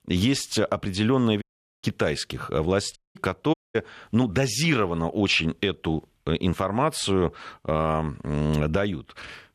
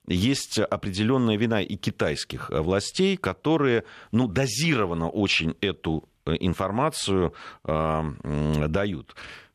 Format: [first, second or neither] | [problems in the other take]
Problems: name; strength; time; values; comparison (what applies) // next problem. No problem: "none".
second | audio cutting out; at 1.5 s, at 3 s and at 3.5 s